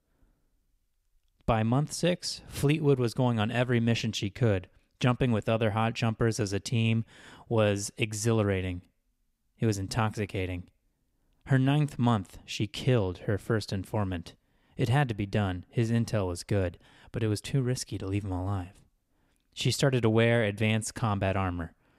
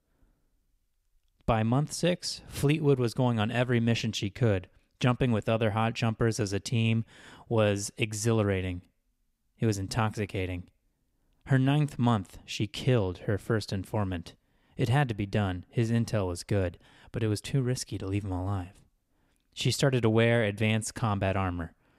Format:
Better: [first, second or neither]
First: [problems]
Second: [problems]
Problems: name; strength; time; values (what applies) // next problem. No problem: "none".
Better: neither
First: none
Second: none